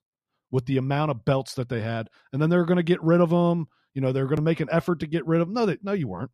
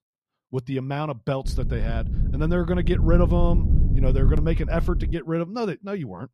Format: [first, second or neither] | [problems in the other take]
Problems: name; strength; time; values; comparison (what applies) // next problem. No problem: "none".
first | low rumble; noticeable; from 1.5 to 5 s; 10 dB below the speech